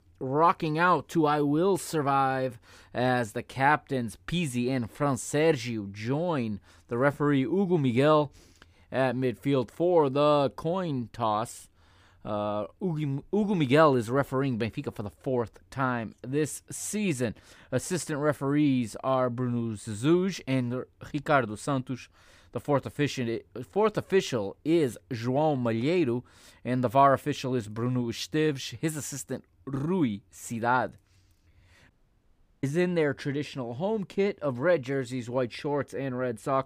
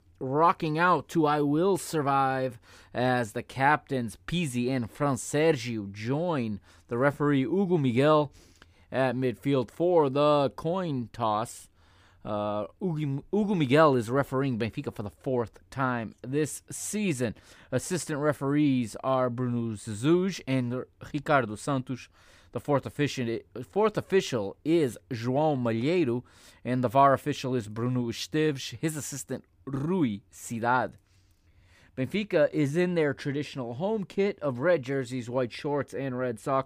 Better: second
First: audio cutting out; at 32 s for 0.5 s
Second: none

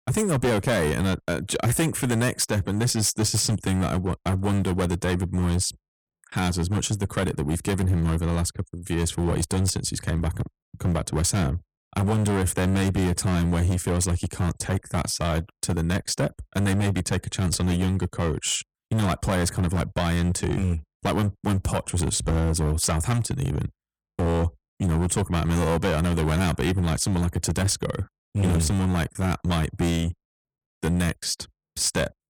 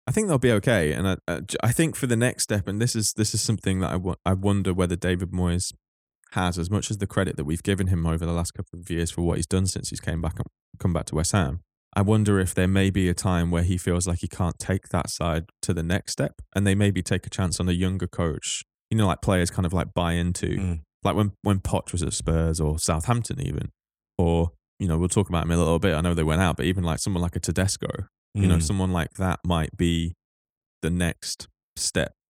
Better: second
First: distortion; heavy; 14% of the sound clipped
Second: none

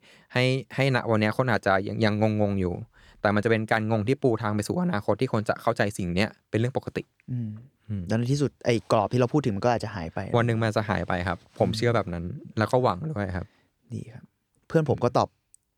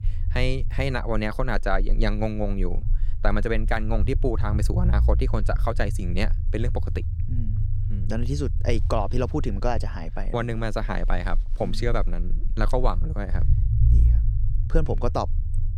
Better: first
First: none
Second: low rumble; noticeable; throughout; 15 dB below the speech

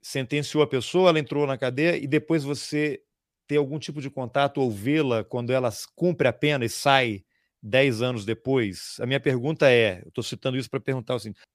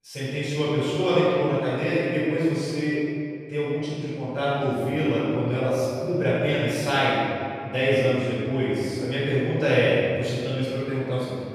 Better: first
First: none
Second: off-mic speech; far // room echo; strong; dies away in 2.2 s

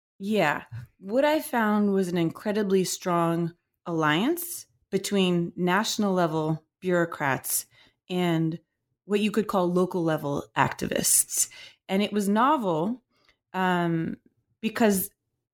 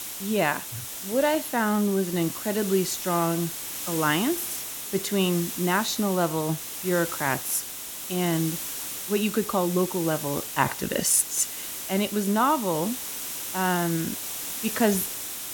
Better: first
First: none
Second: hiss; loud; throughout; 6 dB below the speech

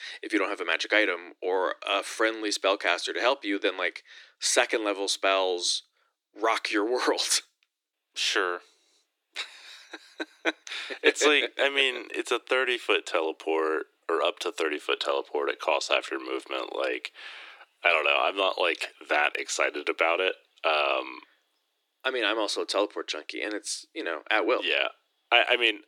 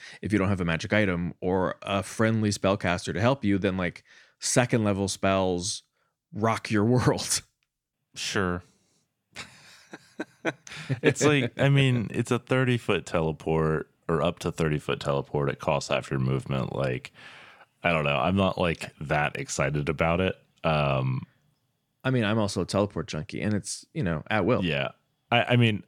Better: second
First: thin; very; fading below 300 Hz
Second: none

